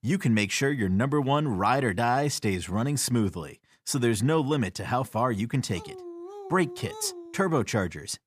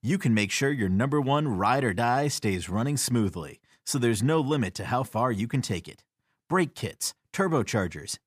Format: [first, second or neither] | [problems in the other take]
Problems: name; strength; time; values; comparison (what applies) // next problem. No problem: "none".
second | dog barking; faint; from 6 to 7.5 s; peak 15 dB below the speech